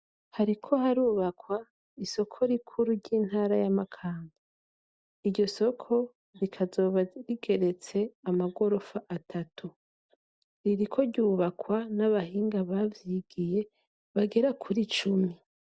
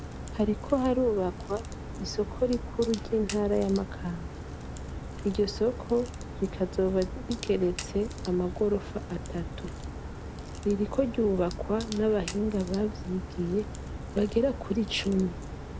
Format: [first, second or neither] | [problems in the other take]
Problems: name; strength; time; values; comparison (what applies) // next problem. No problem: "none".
first | background sound (Crack); 8 dB below the speech